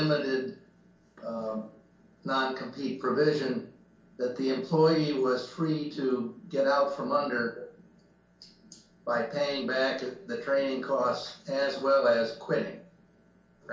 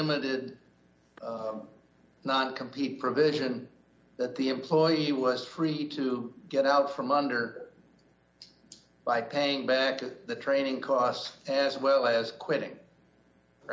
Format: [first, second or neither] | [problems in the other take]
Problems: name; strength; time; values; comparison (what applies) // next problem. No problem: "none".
second | room echo; dies away in 0.2 s